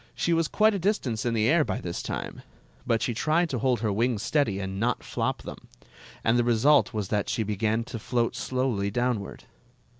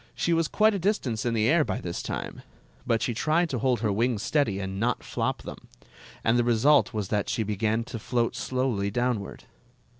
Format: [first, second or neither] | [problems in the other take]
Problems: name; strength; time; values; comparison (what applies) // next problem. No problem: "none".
first | background sound (Bowed string instrument); 18 dB below the speech